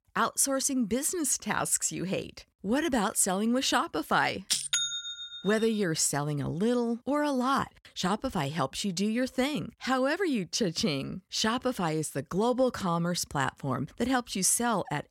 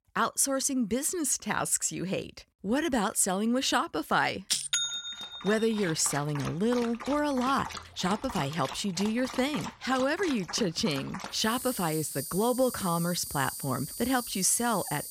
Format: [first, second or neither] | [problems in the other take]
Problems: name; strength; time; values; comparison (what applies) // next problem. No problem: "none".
first | animal sounds; loud; from 5.5 s on; 10 dB below the speech